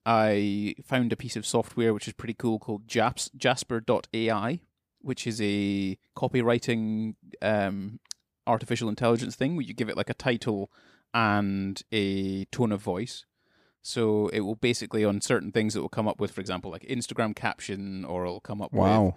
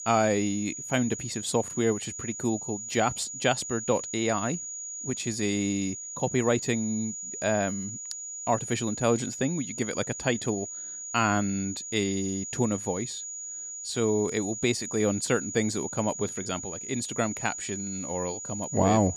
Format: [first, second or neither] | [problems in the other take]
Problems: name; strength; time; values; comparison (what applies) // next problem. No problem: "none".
first | high-pitched whine; loud; throughout; 7 kHz, 6 dB below the speech